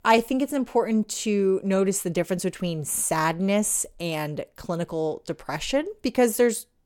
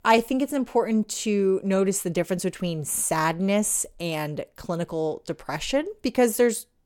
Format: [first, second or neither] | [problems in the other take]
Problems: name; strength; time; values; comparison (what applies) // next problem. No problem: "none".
neither | none